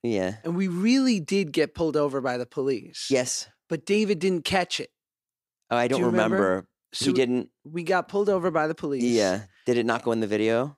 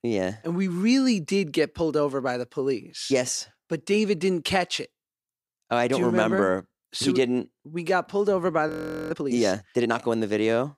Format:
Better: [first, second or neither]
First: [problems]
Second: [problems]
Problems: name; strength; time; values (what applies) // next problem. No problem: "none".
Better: first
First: none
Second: audio freezing; at 8.5 s